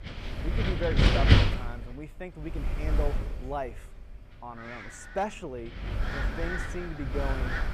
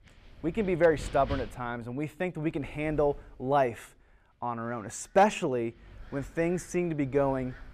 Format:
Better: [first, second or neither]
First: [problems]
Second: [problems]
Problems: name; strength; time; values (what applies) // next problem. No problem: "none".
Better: second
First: wind noise on the microphone; heavy; 4 dB above the speech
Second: wind noise on the microphone; occasional gusts; 20 dB below the speech